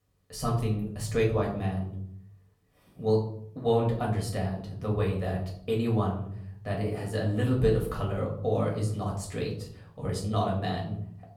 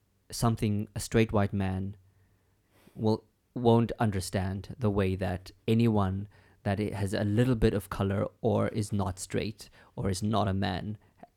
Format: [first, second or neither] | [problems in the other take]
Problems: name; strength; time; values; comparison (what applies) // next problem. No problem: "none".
second | off-mic speech; far // room echo; slight; dies away in 0.6 s